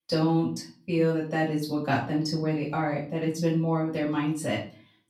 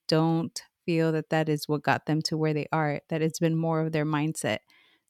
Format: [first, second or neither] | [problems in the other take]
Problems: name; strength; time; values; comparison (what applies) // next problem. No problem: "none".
second | room echo; slight; dies away in 0.4 s // off-mic speech; far